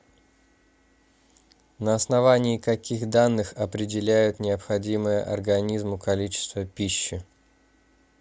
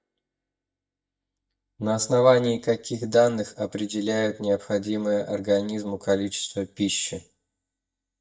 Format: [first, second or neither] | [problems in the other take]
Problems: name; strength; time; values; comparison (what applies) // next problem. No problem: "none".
first | noise reduction (neural mask model DeepFilterNet 3)